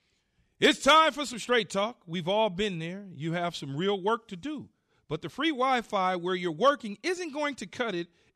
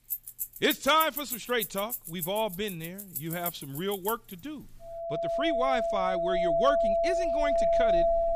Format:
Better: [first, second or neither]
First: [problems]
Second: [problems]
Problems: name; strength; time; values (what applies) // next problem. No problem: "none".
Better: first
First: none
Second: household noises; very loud; throughout; 2 dB above the speech